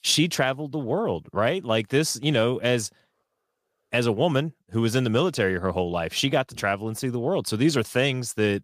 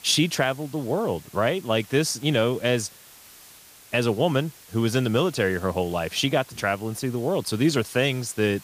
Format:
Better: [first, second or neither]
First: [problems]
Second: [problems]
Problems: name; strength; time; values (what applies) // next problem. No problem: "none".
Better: first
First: none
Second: hiss; faint; throughout; 20 dB below the speech